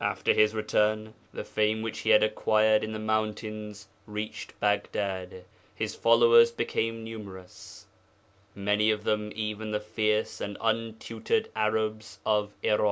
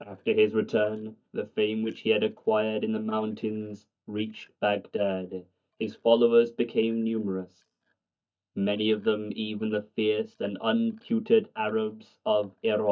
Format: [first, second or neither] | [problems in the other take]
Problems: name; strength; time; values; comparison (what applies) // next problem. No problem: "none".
first | noise reduction (neural mask model DeepFilterNet 3)